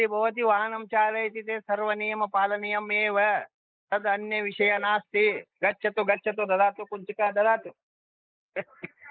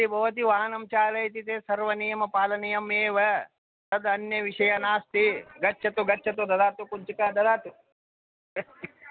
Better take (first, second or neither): second